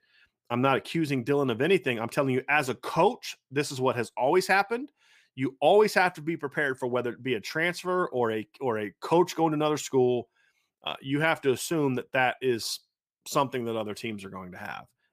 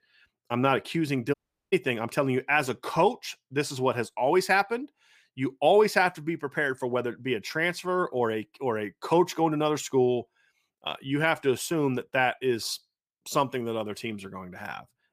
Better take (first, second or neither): first